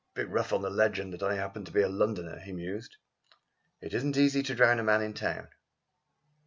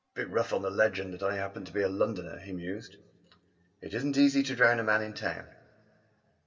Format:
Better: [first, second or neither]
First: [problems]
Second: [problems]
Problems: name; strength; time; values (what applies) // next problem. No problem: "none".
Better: first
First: none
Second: room echo; dies away in 1.8 s